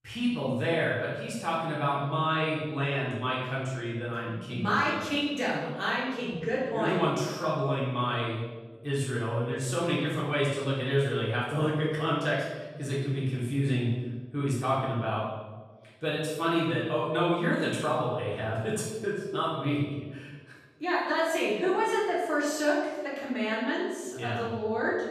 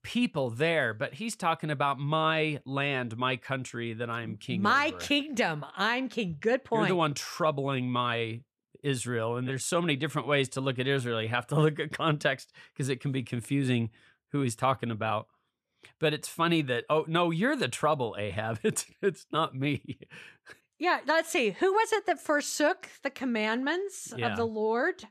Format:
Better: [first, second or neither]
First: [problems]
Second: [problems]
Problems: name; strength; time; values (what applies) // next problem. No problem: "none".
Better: second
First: room echo; noticeable; dies away in 1.1 s // off-mic speech; far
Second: none